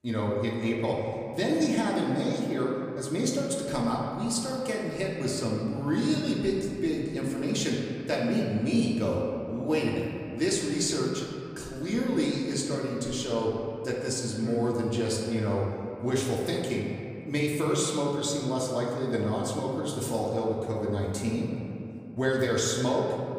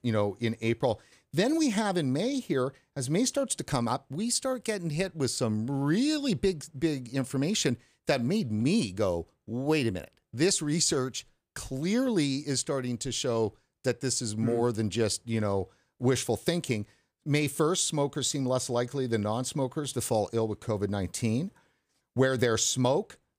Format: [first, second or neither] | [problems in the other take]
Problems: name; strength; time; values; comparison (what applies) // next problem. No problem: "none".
second | room echo; noticeable; dies away in 2.4 s // off-mic speech; far